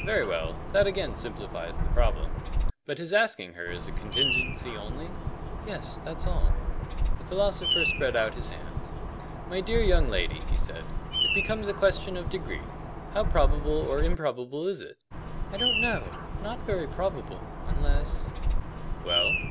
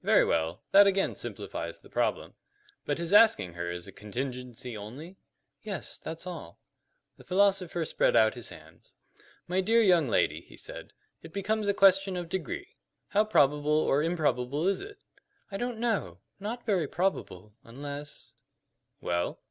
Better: second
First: background sound (Bird vocalization, bird call, bird song); 3 dB above the speech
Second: none

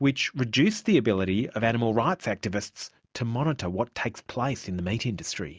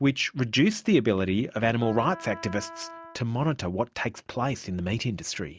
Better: first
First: none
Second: background sound (Wind instrument, woodwind instrument); 17 dB below the speech

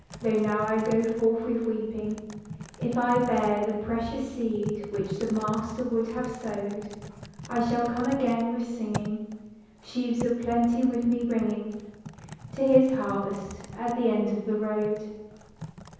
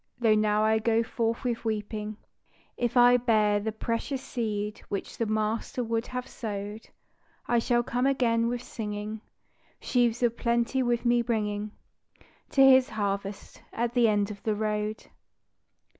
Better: second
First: background sound (Typing); 14 dB below the speech // room echo; dies away in 1.1 s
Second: none

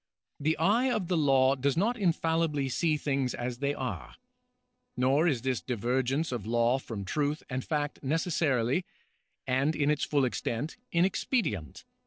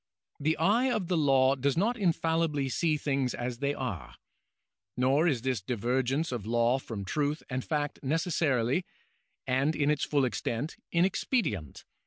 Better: second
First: noise reduction (neural separator model SepFormer DNS4)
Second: none

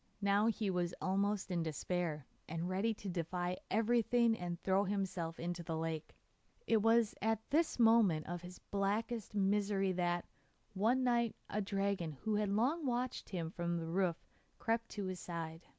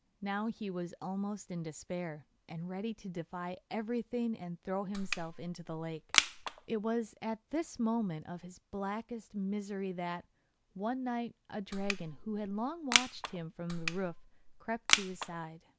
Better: first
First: none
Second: background sound (Crushing); 3 dB above the speech

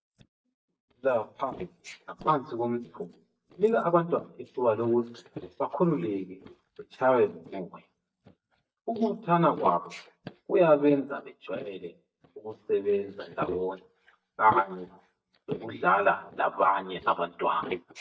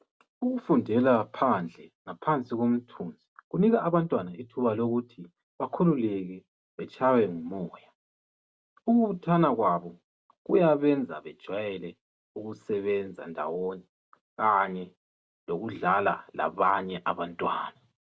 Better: second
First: noise reduction (neural mask model DeepFilterNet 3)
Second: none

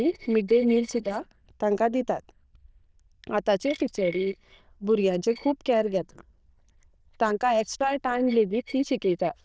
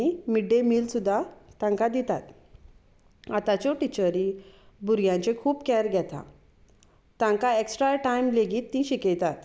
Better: second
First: noise reduction (neural diffusion model UNIVERSE++)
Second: none

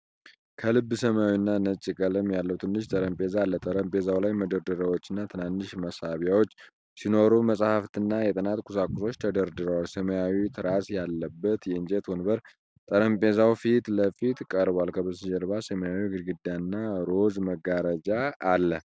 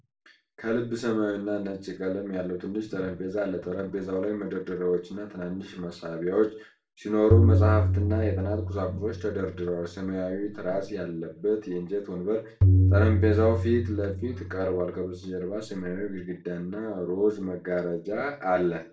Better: first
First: none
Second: background sound (Tabla); 4 dB above the speech // room echo; dies away in 0.3 s

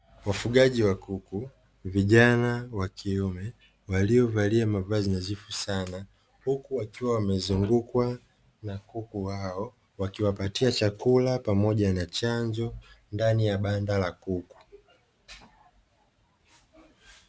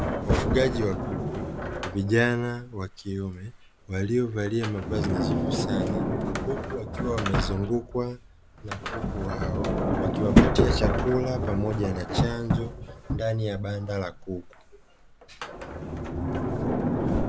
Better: first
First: none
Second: background sound (Sliding door); 2 dB above the speech

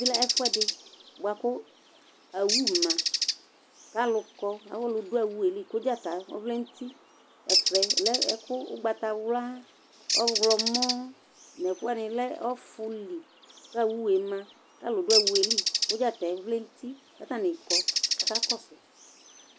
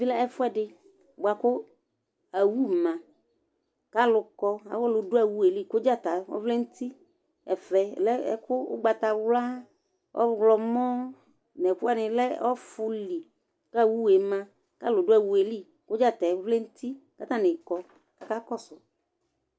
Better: second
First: background sound (Bird); 1 dB below the speech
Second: none

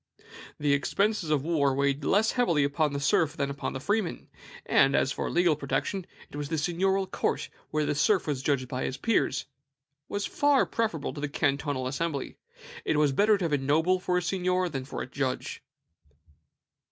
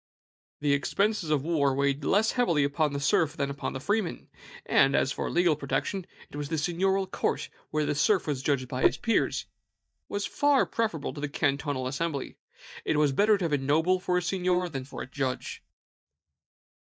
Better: first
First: none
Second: noise reduction (neural mask model DeepFilterNet 3)

